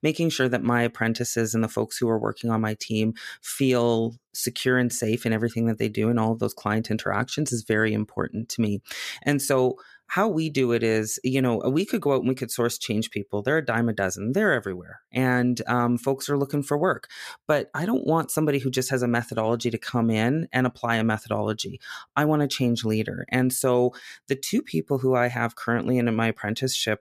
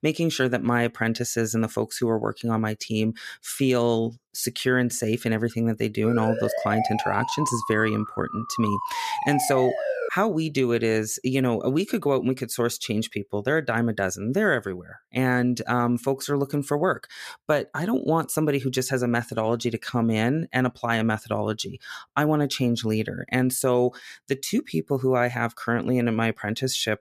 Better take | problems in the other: first | siren; noticeable; from 6 to 10 s; peak 2 dB below the speech

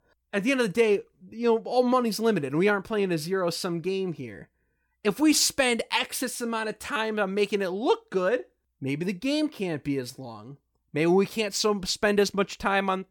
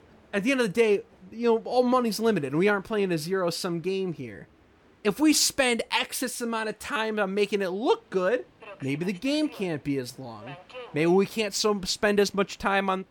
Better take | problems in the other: first | train or aircraft noise; faint; throughout; 25 dB below the speech

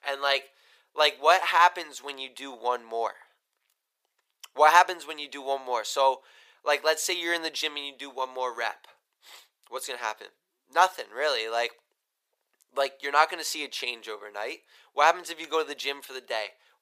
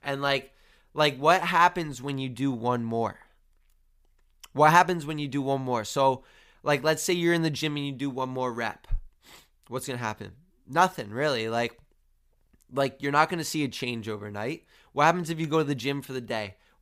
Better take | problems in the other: second | thin; very; fading below 450 Hz

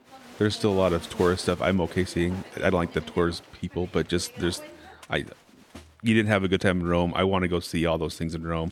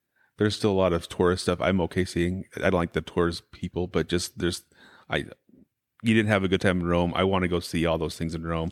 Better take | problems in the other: second | crowd noise; noticeable; throughout; 20 dB below the speech

